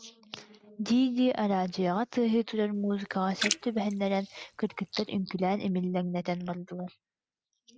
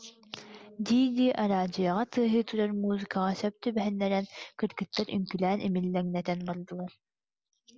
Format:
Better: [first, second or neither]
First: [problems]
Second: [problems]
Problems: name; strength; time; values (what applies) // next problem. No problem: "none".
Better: second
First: noise reduction (neural mask model RNNoise)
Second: none